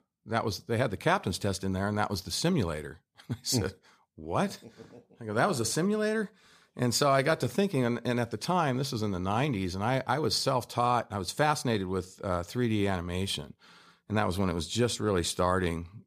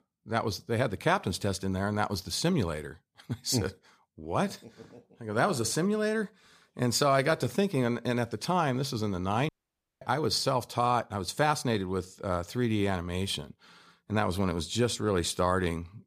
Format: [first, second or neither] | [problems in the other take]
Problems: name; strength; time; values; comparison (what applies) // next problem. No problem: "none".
first | audio cutting out; at 9.5 s for 0.5 s